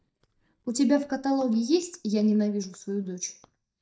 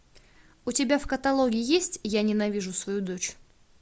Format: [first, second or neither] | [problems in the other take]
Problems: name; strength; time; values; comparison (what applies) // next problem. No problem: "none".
second | noise reduction (neural mask model DeepFilterNet 3)